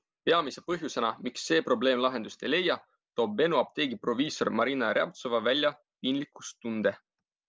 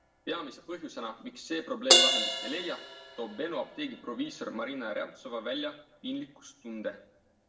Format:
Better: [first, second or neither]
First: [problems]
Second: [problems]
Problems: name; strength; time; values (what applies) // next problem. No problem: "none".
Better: first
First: none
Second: background sound (Crash cymbal); 4 dB above the speech // room echo; dies away in 0.6 s